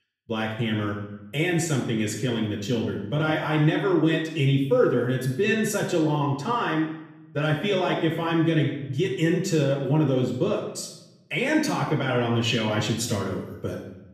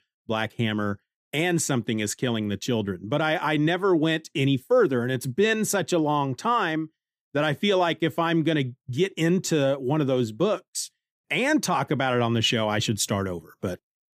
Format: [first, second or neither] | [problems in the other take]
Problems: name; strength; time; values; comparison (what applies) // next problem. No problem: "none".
second | off-mic speech; far // room echo; noticeable; dies away in 0.7 s